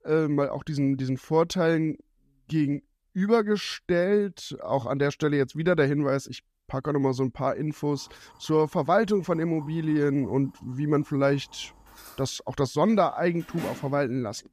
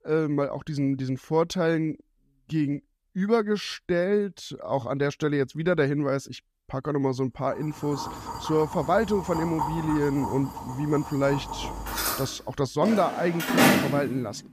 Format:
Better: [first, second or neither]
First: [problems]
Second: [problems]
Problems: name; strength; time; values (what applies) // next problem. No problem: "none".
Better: first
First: household noises; faint; from 7.5 s on; 25 dB below the speech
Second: household noises; loud; from 7.5 s on; 3 dB below the speech